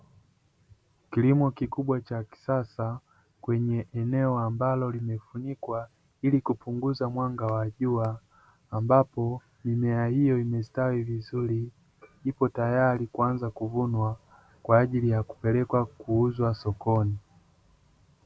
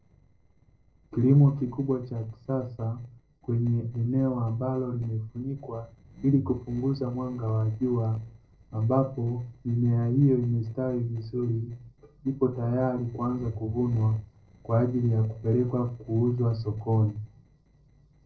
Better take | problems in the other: first | noise reduction (neural separator model SepFormer DNS4)

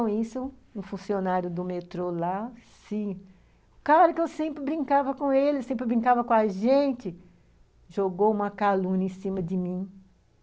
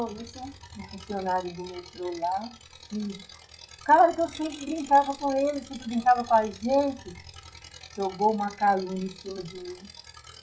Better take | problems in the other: first | noise reduction (classical method WPE with log-MMSE)

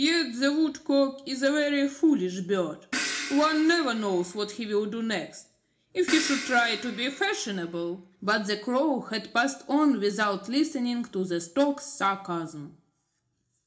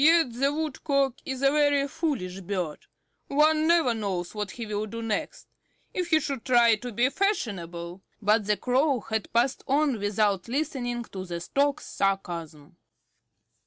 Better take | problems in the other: second | background sound (Crash cymbal); 10 dB below the speech // room echo; dies away in 0.4 s

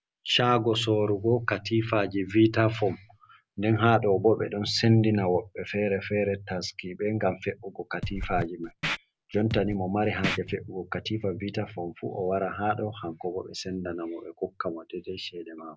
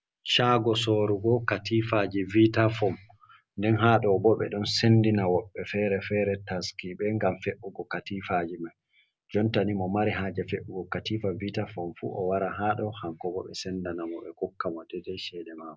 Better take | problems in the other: second | background sound (Scratching (performance technique)); 8 dB below the speech

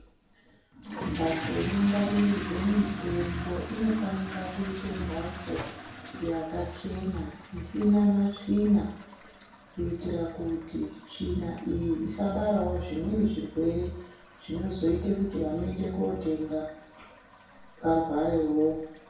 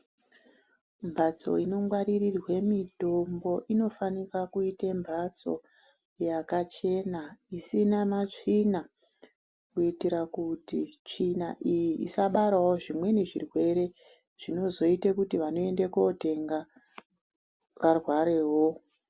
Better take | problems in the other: second | background sound (Fill (with liquid) / Toilet flush); 14 dB below the speech // room echo; dies away in 0.6 s

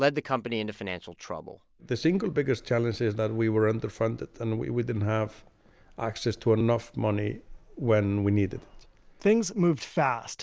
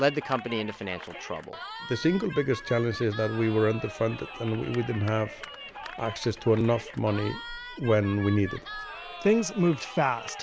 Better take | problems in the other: first | background sound (Cheering); 13 dB below the speech

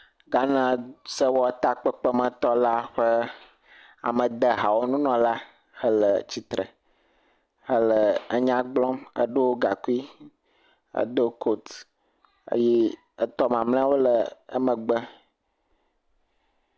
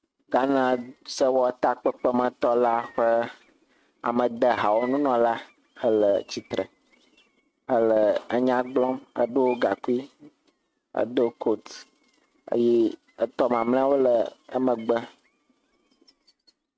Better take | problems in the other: first | noise reduction (neural mask model RNNoise)

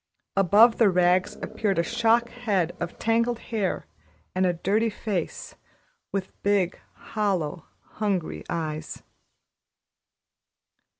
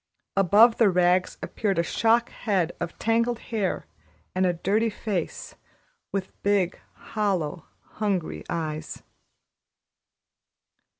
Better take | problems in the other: second | background sound (Animal); 18 dB below the speech

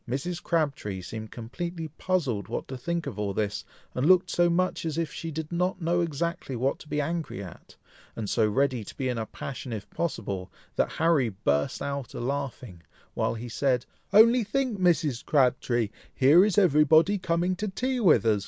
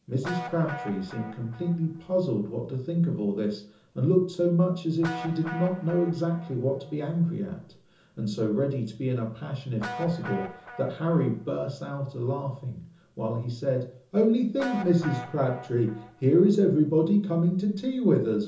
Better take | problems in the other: first | background sound (Guitar); 17 dB below the speech // room echo; dies away in 0.6 s

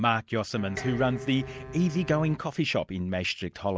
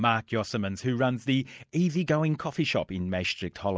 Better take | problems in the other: second | background sound (Dishes, pots, and pans + Wind instrument, woodwind instrument); 14 dB below the speech

